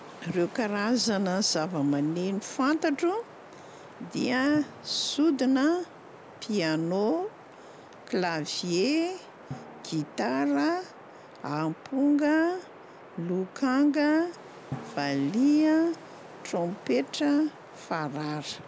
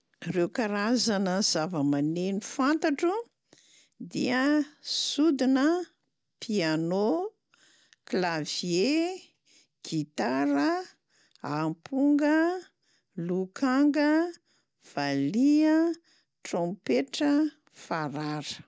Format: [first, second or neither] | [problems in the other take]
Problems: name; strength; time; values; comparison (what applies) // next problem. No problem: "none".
second | background sound (Wind + Drum); 18 dB below the speech